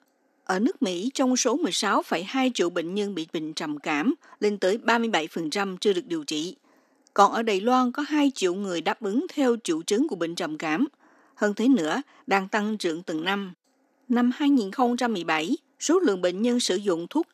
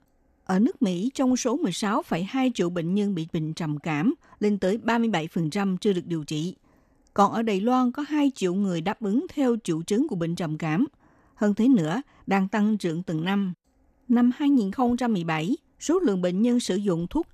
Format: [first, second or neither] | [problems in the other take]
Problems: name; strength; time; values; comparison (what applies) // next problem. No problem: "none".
second | thin; very slightly; fading below 250 Hz